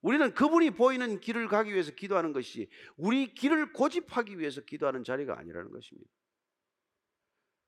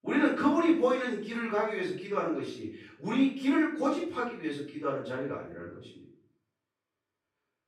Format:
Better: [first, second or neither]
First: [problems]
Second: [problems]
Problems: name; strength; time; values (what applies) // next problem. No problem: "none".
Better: first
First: none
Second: off-mic speech; far // room echo; noticeable; dies away in 0.5 s